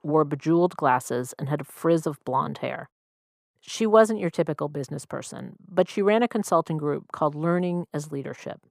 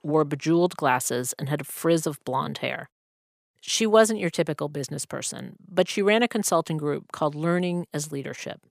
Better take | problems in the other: second | muffled; slightly; fading above 1.5 kHz

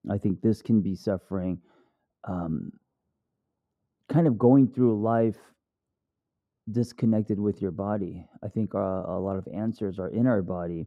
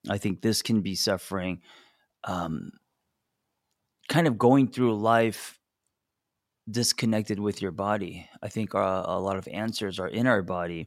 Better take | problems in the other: second | muffled; very; fading above 1 kHz

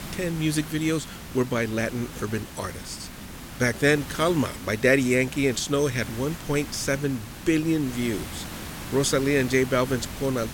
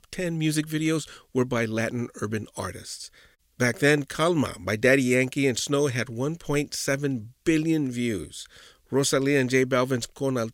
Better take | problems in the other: second | hiss; noticeable; throughout; 10 dB below the speech

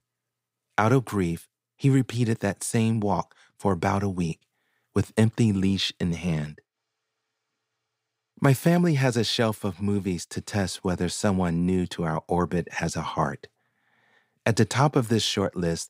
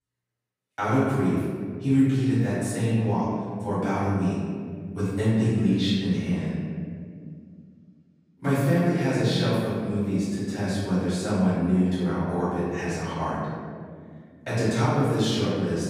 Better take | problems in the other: first | off-mic speech; far // room echo; strong; dies away in 2.1 s

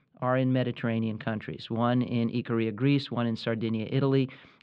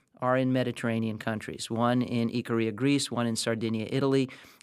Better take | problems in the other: second | muffled; very slightly; fading above 3.5 kHz

